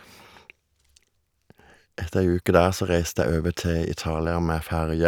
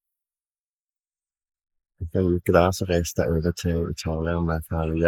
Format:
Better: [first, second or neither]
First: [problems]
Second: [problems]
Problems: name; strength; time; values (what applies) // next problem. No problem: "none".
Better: first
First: none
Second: noise reduction (neural mask model Resemble Enhance denoiser)